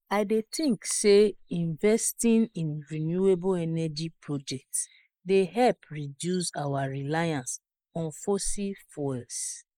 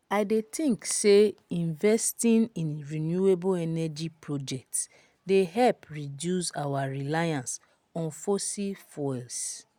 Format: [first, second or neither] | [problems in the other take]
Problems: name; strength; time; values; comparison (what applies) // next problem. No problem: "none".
second | noise reduction (neural mask model Resemble Enhance denoiser)